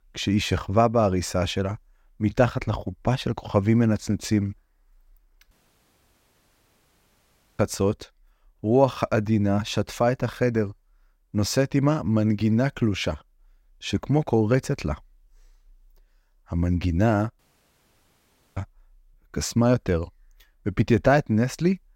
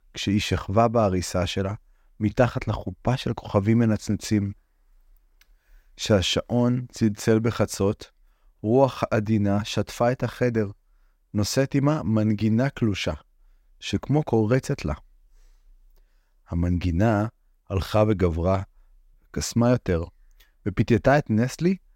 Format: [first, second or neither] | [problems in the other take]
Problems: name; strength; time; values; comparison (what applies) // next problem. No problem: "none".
second | audio cutting out; at 5.5 s for 2 s and at 17 s for 1 s